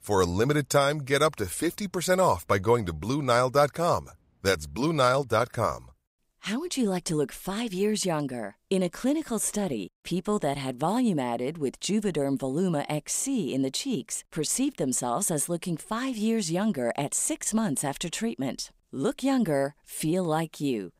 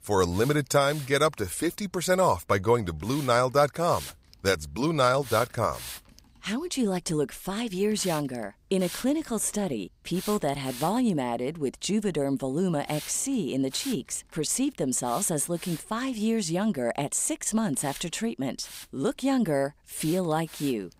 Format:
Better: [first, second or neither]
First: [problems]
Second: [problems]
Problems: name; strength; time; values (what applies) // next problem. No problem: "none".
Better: first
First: none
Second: hiss; noticeable; throughout; 15 dB below the speech